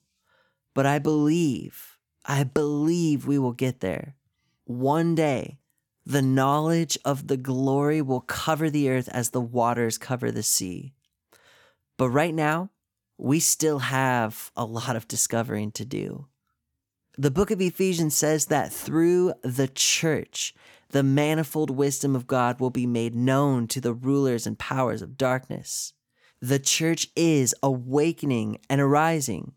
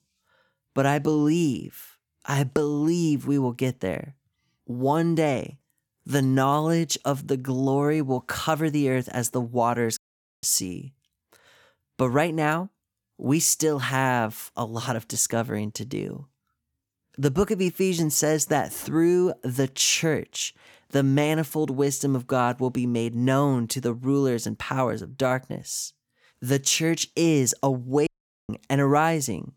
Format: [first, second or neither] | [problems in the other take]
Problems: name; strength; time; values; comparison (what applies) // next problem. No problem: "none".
first | audio cutting out; at 10 s and at 28 s